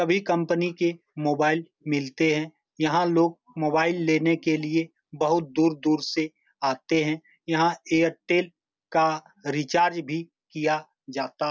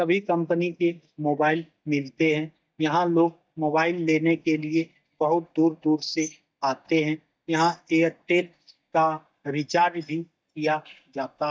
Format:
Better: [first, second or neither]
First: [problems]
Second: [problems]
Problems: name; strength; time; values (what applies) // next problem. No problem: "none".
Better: first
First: none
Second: noise reduction (neural mask model DeepFilterNet 3)